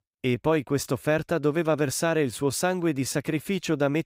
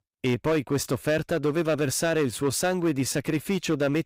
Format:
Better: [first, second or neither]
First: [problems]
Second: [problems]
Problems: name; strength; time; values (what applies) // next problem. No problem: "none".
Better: first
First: none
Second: distortion; slight; 8% of the sound clipped